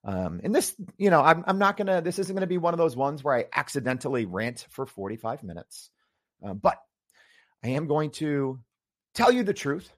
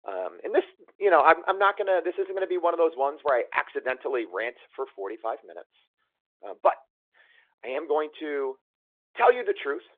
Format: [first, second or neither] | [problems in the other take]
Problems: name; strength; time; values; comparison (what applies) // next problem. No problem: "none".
first | phone-call audio; nothing above 3.5 kHz